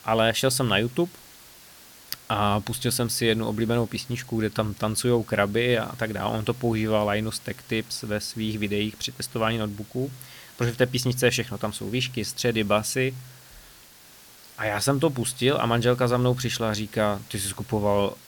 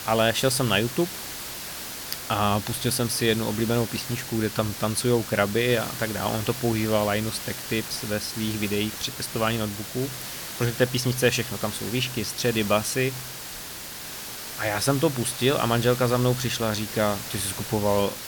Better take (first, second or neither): first